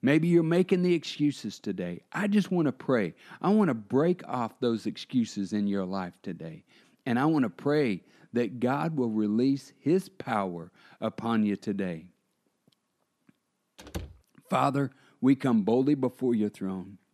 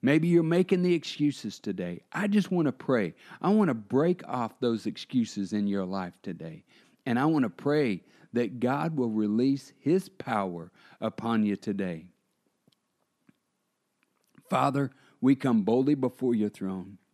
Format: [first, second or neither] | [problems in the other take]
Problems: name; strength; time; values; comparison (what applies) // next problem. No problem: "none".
second | door banging; faint; at 14 s; peak 15 dB below the speech